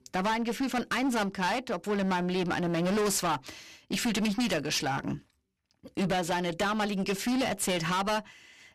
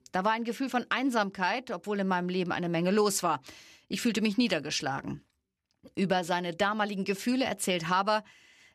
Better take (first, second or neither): second